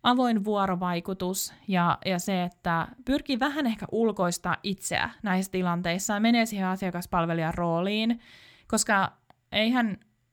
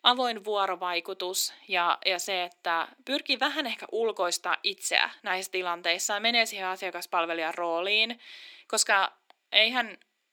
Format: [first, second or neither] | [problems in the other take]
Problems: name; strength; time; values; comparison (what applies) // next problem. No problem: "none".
first | thin; very; fading below 350 Hz